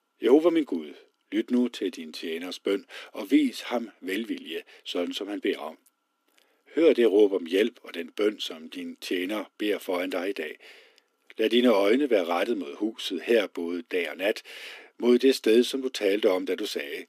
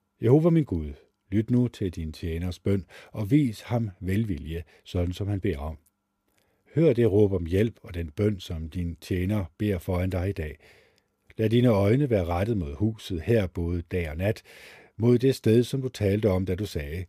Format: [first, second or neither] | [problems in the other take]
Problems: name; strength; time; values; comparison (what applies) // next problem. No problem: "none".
second | thin; very slightly; fading below 250 Hz